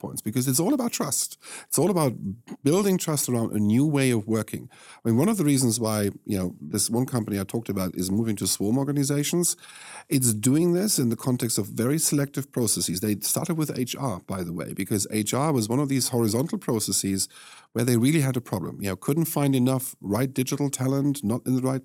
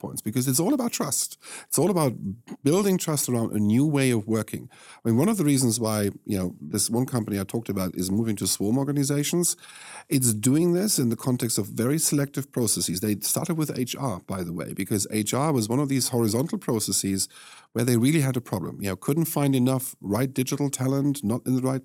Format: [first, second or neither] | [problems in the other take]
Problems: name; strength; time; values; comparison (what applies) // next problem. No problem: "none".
neither | none